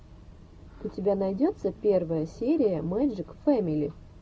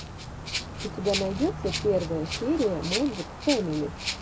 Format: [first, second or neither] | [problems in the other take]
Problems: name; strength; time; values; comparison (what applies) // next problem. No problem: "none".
first | background sound (Car passing by + Rattle (instrument)); 6 dB below the speech